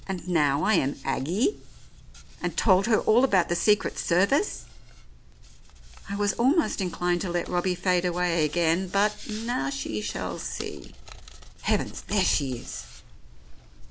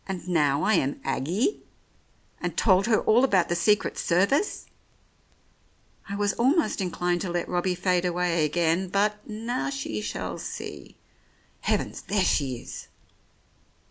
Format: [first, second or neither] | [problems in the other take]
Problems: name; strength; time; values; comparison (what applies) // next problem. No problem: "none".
second | background sound (Hands); 15 dB below the speech